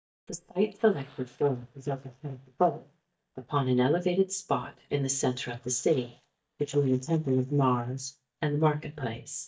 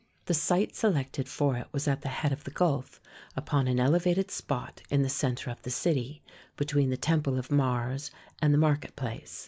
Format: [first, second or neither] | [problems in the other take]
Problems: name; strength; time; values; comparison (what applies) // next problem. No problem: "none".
second | noise reduction (neural mask model DeepFilterNet 3)